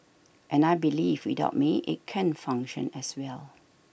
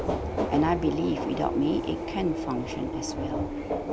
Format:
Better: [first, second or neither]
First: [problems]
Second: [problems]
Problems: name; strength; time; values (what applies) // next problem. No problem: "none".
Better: first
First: none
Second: background sound (Subway, metro, underground); 1 dB below the speech